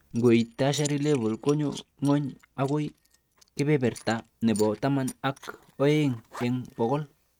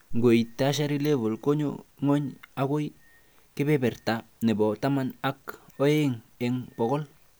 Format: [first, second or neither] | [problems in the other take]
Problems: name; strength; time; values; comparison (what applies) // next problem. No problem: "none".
second | noise reduction (neural mask model RNNoise)